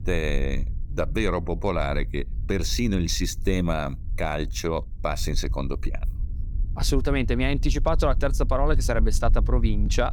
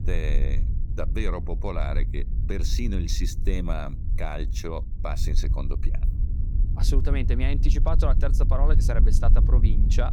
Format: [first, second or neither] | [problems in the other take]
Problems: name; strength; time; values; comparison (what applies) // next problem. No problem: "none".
first | low rumble; loud; throughout; 10 dB below the speech; faint in the first